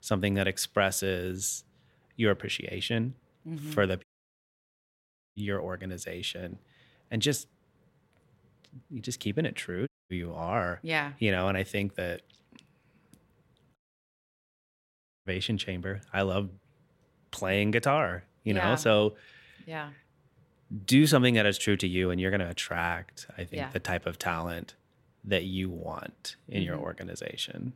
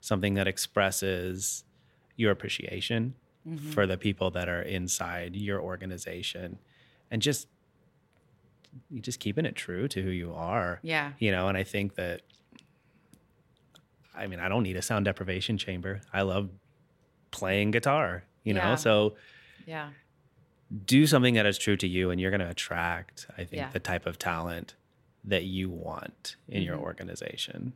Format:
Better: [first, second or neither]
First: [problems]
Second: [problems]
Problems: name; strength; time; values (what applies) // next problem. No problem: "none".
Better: second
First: audio cutting out; at 4 s for 1.5 s, at 10 s and at 14 s for 1.5 s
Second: none